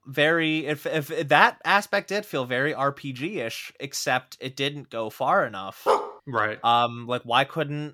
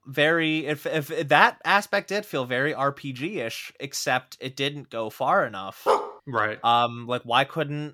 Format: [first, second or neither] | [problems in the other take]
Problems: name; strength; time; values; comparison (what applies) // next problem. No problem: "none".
neither | dog barking; loud; at 6 s; peak level with the speech; the same in both